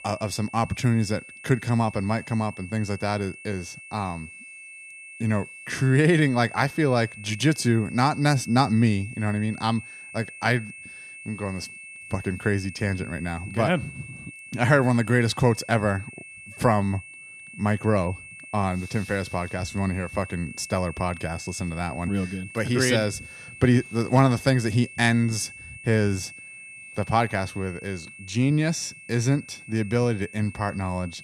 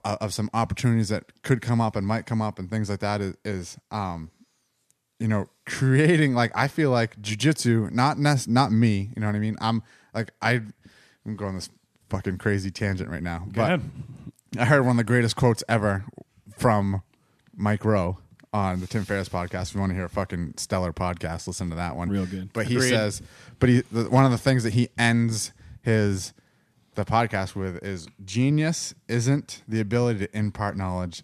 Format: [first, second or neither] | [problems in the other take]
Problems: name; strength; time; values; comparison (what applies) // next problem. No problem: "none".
second | high-pitched whine; noticeable; throughout; 2.5 kHz, 15 dB below the speech